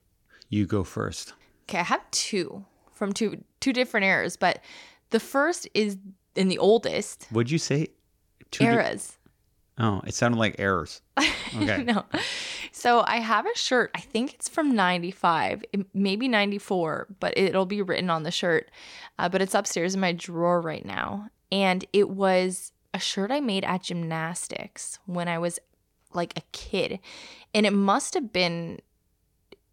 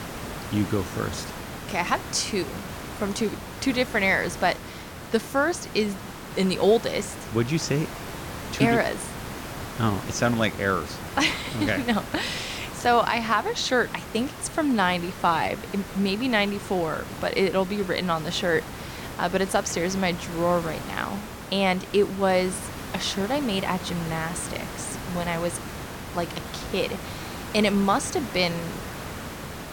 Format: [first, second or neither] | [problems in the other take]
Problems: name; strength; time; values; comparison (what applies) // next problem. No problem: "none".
first | hiss; noticeable; throughout; 10 dB below the speech